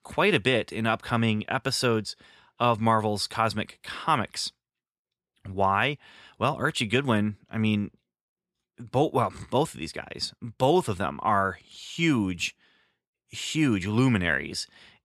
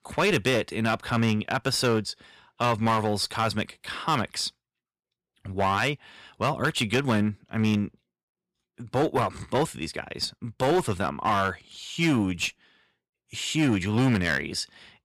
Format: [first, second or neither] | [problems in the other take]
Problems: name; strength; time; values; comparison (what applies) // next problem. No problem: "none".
first | distortion; slight; 7% of the sound clipped